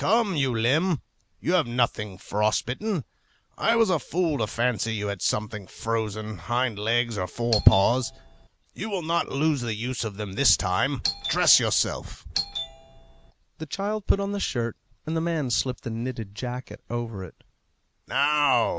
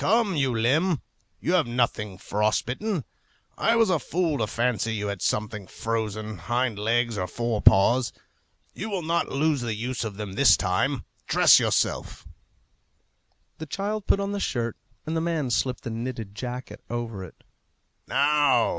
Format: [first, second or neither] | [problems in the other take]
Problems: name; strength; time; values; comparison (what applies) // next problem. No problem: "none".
second | background sound (Doorbell); 8 dB below the speech